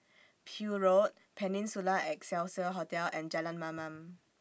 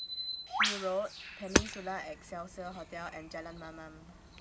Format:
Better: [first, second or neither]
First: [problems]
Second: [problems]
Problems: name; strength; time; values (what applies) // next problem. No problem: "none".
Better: first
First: none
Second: background sound (Bird + Hammer); 4 dB above the speech